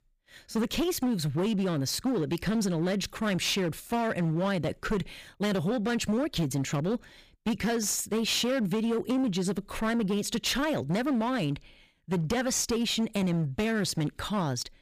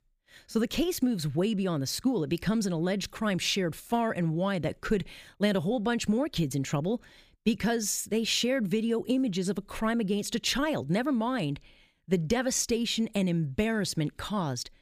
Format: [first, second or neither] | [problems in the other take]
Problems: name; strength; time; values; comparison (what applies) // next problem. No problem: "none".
second | distortion; slight; 17% of the sound clipped